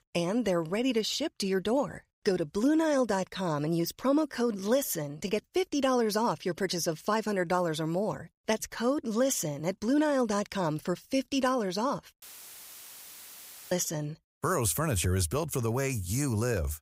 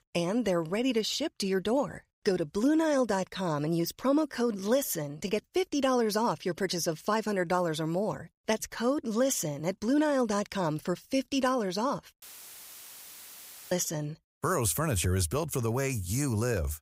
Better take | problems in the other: neither | audio cutting out; filled with static; at 12 s for 1.5 s; the same in both

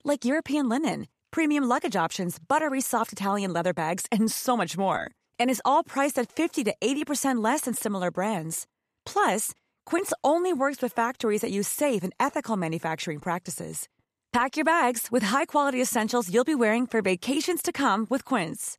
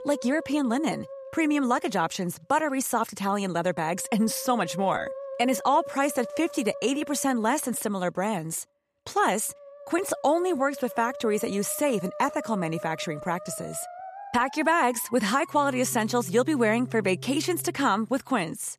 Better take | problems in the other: first | background music; noticeable; throughout; 15 dB below the speech

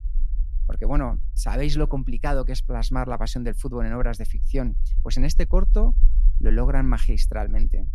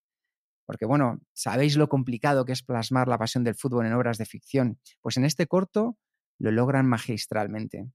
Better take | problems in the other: second | low rumble; faint; throughout; 20 dB below the speech

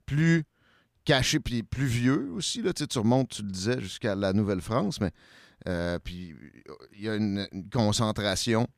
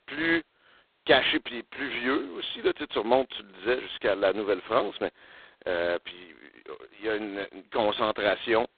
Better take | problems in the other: first | phone-call audio; poor line; nothing above 3.5 kHz

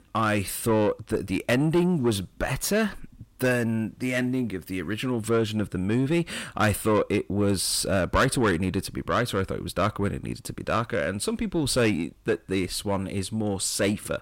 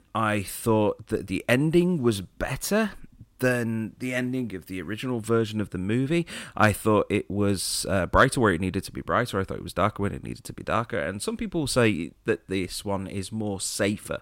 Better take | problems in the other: second | distortion; slight; 10 dB below the speech

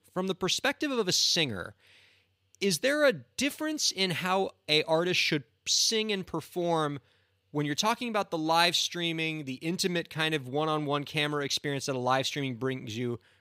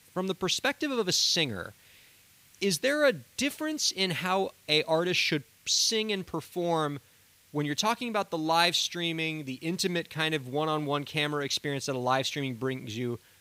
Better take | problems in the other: first | hiss; faint; throughout; 30 dB below the speech

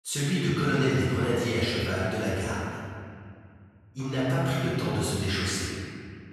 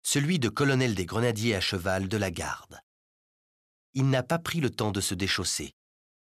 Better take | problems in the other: second | room echo; strong; dies away in 2.2 s // off-mic speech; far

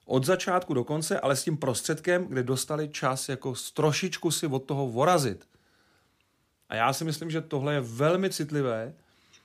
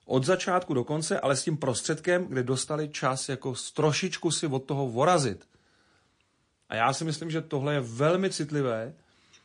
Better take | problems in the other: first | garbled, watery; slightly; nothing above 9.5 kHz

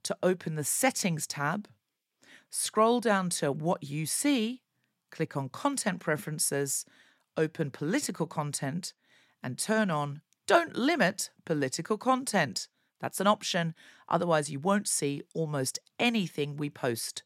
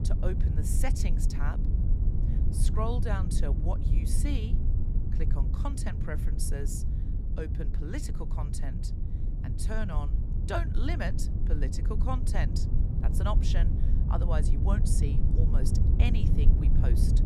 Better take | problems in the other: first | low rumble; loud; throughout; 5 dB below the speech

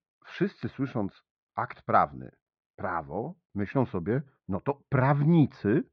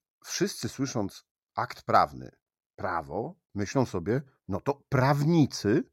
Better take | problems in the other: second | muffled; very; fading above 3.5 kHz

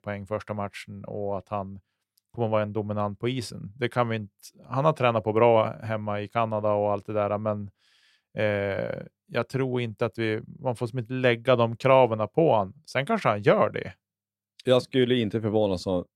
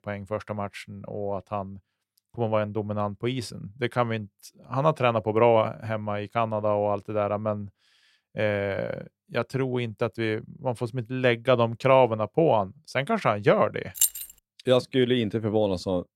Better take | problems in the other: first | jangling keys; loud; at 14 s; peak 3 dB above the speech

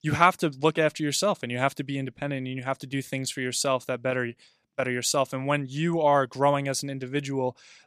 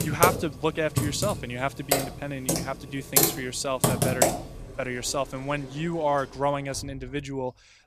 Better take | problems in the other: first | household noises; very loud; throughout; 4 dB above the speech

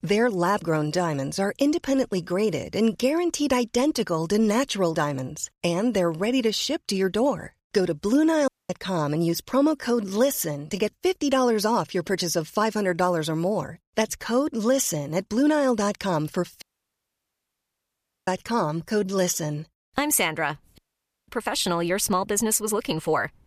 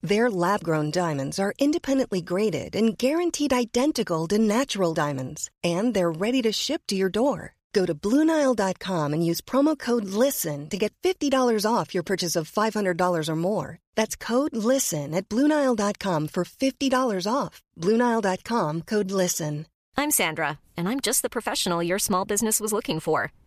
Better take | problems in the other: second | audio cutting out; at 8.5 s, at 17 s for 1.5 s and at 21 s for 0.5 s

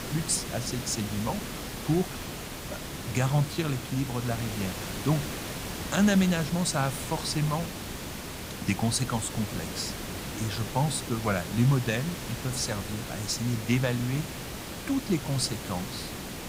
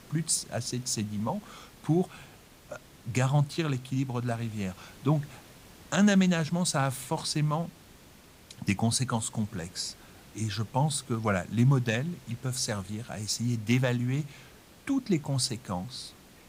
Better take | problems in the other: second | hiss; loud; throughout; 7 dB below the speech; faint in the second

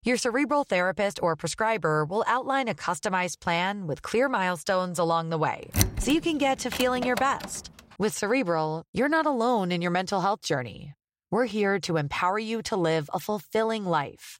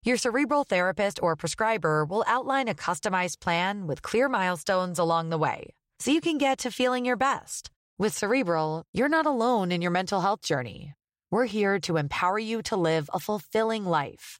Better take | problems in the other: second | door banging; loud; from 6 to 7.5 s; peak 1 dB above the speech

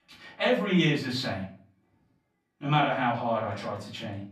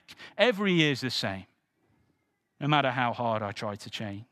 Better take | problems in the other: second | off-mic speech; far // room echo; slight; dies away in 0.4 s

